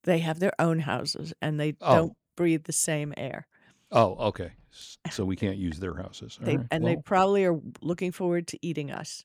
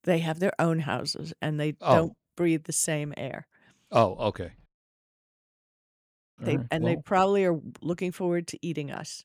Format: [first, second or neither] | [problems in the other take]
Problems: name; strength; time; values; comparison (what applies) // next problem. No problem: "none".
first | audio cutting out; at 4.5 s for 1.5 s